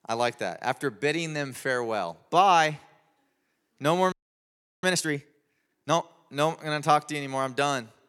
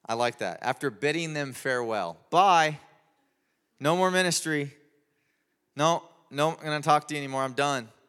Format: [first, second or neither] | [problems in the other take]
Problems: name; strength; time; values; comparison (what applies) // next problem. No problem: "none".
second | audio freezing; at 4 s for 0.5 s